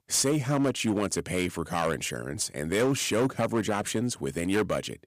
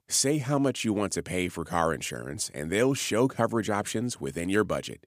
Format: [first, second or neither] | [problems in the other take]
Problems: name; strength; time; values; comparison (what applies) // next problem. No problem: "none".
second | distortion; slight; 7% of the sound clipped